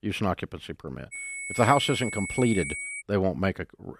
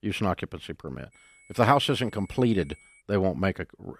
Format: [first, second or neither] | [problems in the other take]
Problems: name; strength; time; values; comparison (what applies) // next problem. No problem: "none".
second | high-pitched whine; loud; from 1 to 3 s; 2 kHz, 7 dB below the speech; faint in the second